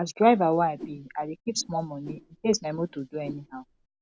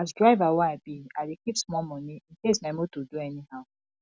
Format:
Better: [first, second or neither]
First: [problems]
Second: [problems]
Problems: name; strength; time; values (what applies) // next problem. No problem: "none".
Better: second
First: background sound (Whoosh, swoosh, swish); 19 dB below the speech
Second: none